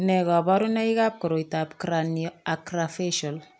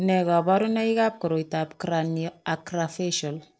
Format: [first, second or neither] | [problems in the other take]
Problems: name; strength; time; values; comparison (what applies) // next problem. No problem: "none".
first | noise reduction (neural separator model SepFormer DNS4)